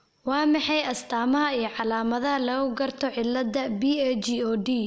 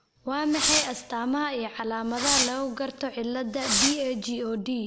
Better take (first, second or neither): first